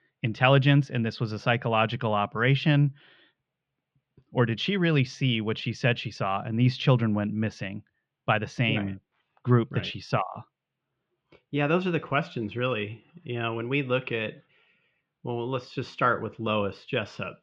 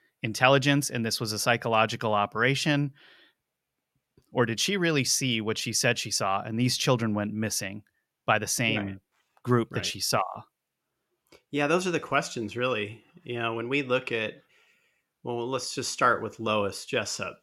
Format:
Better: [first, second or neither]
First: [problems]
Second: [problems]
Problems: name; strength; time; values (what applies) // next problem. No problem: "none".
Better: second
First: muffled; slightly; fading above 3.5 kHz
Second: none